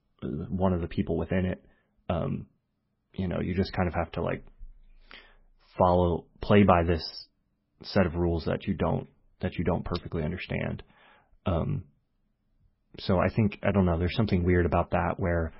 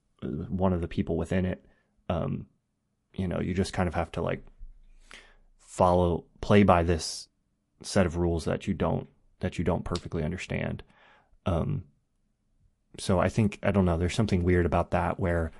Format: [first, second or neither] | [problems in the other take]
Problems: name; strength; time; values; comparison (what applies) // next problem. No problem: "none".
second | garbled, watery; badly; nothing above 5.5 kHz; slightly in the second